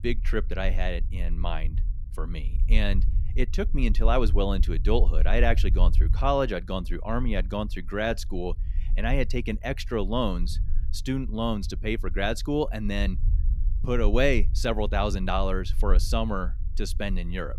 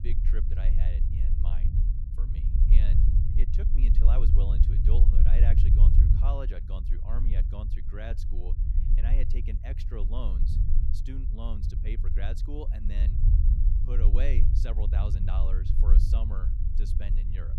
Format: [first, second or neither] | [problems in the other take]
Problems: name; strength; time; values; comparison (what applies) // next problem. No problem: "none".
first | low rumble; loud; throughout; 2 dB below the speech; faint in the first